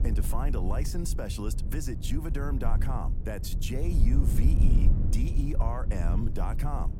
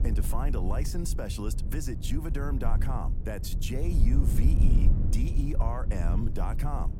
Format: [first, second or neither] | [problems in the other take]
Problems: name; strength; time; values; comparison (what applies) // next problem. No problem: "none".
neither | low rumble; loud; throughout; 7 dB below the speech; the same in both